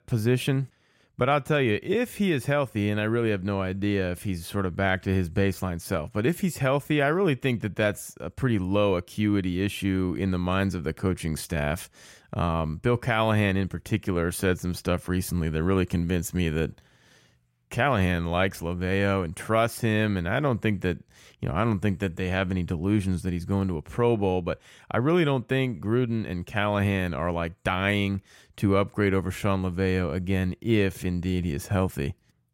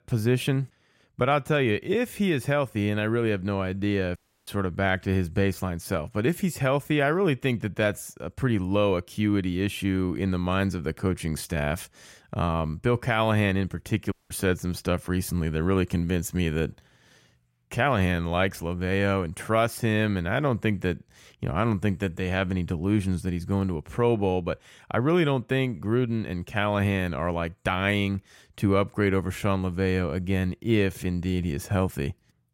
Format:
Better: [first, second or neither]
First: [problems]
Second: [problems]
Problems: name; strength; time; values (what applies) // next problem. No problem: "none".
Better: first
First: none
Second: audio cutting out; at 4 s and at 14 s